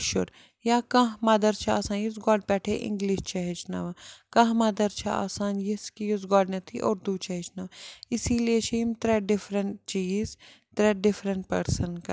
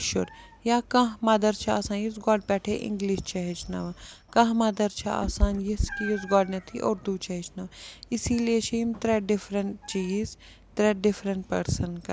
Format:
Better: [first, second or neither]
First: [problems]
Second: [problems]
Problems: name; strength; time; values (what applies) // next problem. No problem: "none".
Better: first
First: none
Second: background sound (Meow); 12 dB below the speech